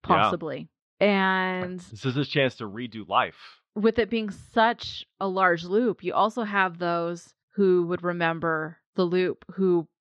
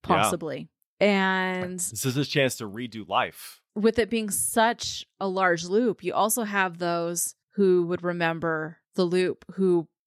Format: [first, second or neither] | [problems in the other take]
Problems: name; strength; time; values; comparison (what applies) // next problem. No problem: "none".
second | muffled; slightly; fading above 4 kHz